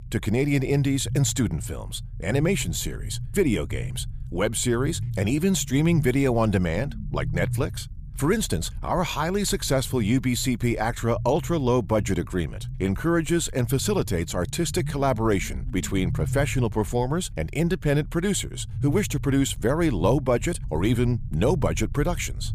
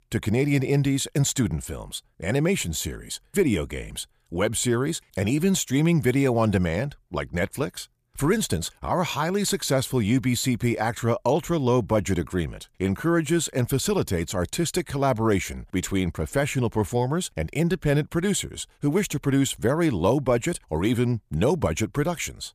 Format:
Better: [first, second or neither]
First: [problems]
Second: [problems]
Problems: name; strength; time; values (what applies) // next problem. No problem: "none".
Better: second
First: low rumble; faint; throughout; 20 dB below the speech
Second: none